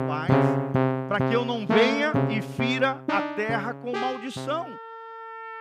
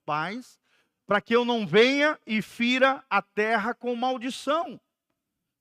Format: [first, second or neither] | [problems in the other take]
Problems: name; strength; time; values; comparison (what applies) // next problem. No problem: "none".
second | background music; very loud; throughout; as loud as the speech